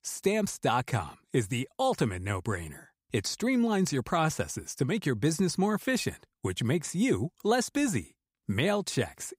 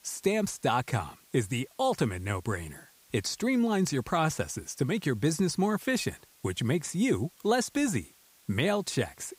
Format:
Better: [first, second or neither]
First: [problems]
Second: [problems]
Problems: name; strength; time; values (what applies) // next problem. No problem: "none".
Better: first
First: none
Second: hiss; faint; throughout; 30 dB below the speech